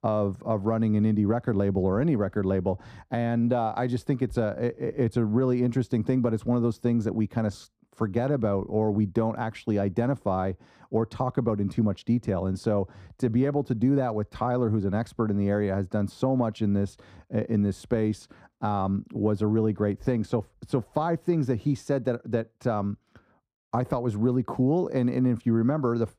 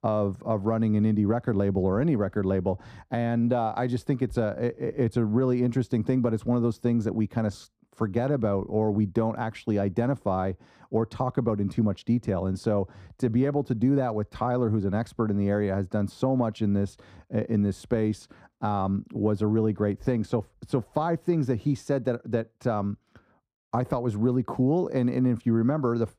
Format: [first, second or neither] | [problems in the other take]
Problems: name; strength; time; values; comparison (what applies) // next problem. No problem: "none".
neither | muffled; slightly; fading above 1.5 kHz; the same in both